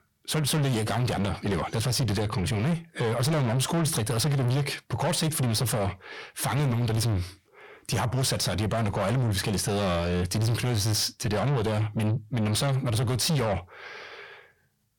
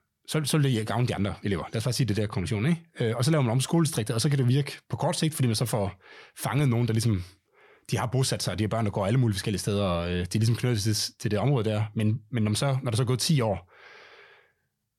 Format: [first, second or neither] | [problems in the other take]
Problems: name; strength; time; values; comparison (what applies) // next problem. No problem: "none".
second | distortion; heavy; 7 dB below the speech